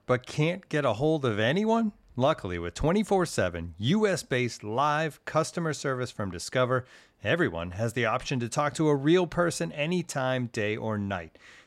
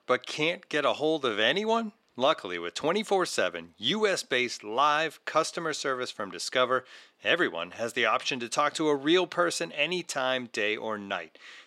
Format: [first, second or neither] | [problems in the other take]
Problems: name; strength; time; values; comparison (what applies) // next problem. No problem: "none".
first | thin; somewhat; fading below 350 Hz